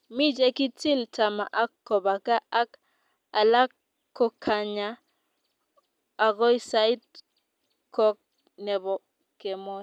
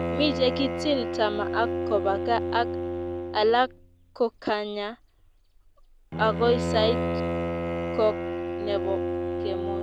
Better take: first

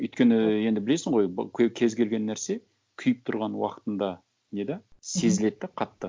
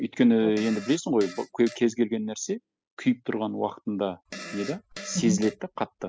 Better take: first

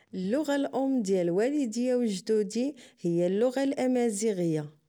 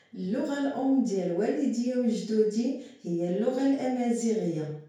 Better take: first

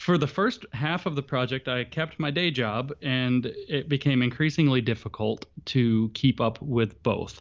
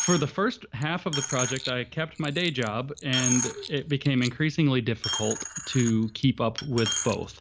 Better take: first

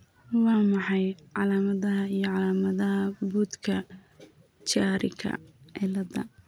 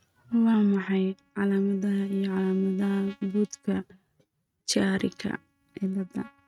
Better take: first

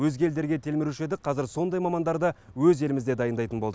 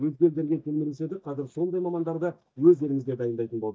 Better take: first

